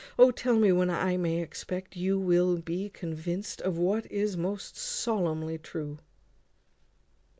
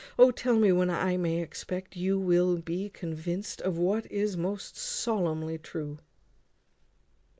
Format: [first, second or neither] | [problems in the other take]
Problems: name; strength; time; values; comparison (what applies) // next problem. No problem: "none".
first | noise reduction (neural mask model Resemble Enhance denoiser)